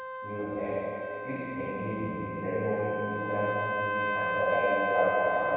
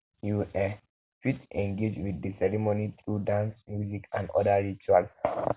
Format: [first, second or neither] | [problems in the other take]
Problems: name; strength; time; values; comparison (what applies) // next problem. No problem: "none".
second | background sound (Trumpet); 2 dB below the speech // room echo; dies away in 2.2 s